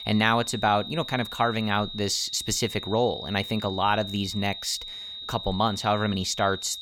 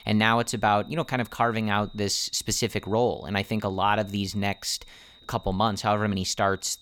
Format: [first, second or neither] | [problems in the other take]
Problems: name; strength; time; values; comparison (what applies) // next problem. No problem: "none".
second | high-pitched whine; loud; throughout; 3.5 kHz, 9 dB below the speech; faint in the second